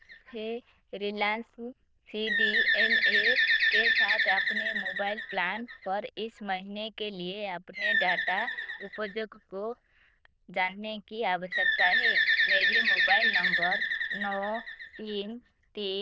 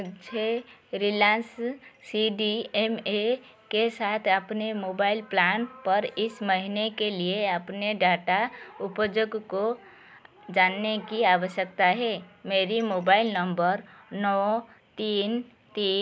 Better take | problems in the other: second | noise reduction (neural diffusion model UNIVERSE++)

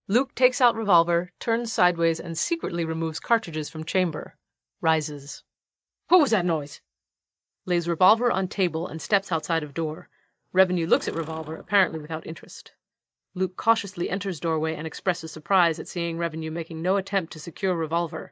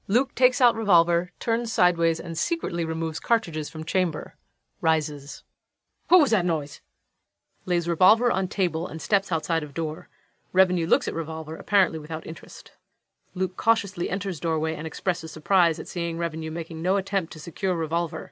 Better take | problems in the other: second | noise reduction (neural mask model DeepFilterNet 3)

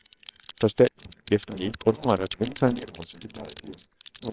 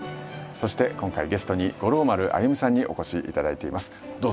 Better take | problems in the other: second | noise reduction (neural separator model SepFormer WHAMR!)

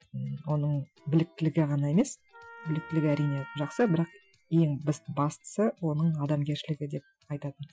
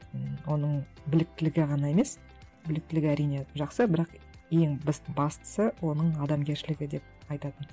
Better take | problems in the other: second | noise reduction (classical method Wiener filter)

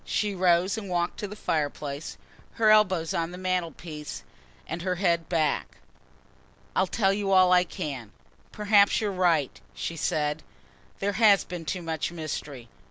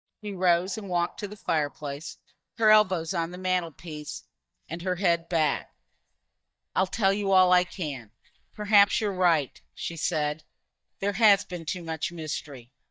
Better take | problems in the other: first | noise reduction (neural mask model DeepFilterNet 3)

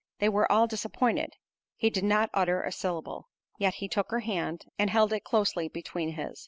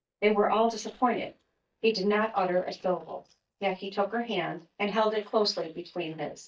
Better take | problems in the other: first | noise reduction (neural mask model DeepFilterNet 3)

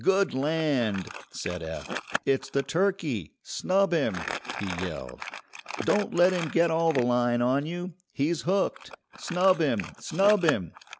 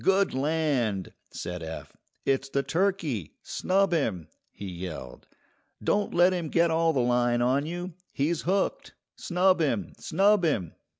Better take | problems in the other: second | background sound (Crumpling, crinkling); 12 dB below the speech

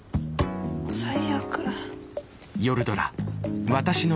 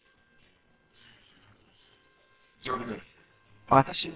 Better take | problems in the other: first | noise reduction (neural separator model SepFormer WHAMR!)

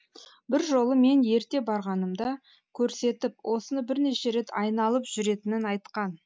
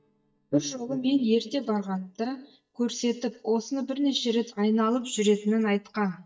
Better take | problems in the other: first | noise reduction (neural mask model DeepFilterNet 3)

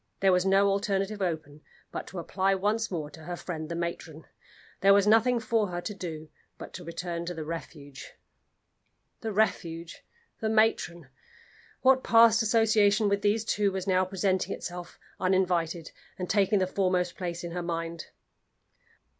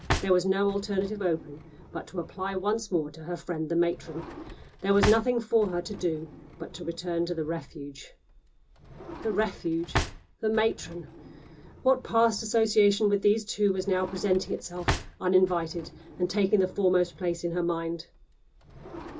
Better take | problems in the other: first | background sound (Drawer open or close); 11 dB below the speech // room echo; dies away in 0.2 s

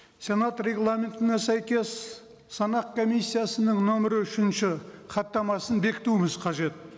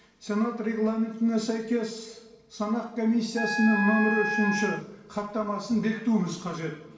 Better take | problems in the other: first | background sound (Wind instrument, woodwind instrument); 4 dB below the speech // room echo; dies away in 0.6 s

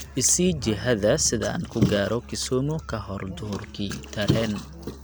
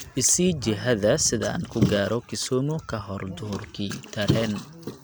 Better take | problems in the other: second | background sound (Musical instrument); 18 dB below the speech

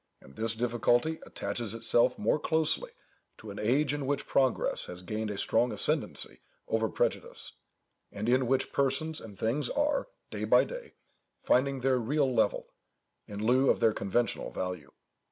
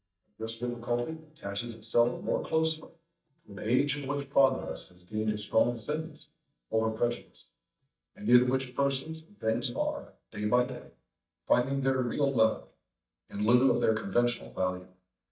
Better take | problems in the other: first | noise reduction (neural mask model DeepFilterNet 3)

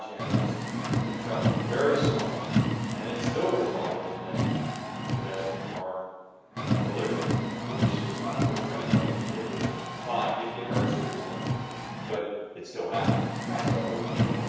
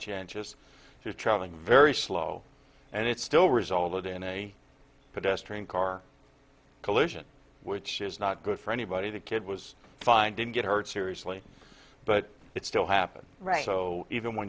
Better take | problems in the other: second | background sound (Car); 4 dB above the speech // room echo; dies away in 1.2 s

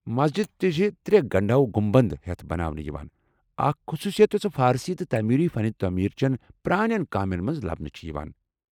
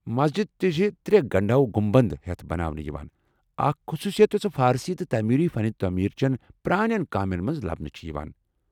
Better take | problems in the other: second | noise reduction (neural mask model Resemble Enhance denoiser)

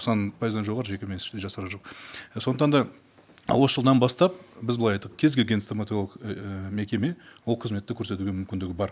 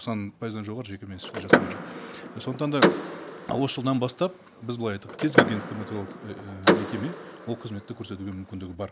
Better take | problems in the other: first | background sound (Door / Car); 4 dB above the speech

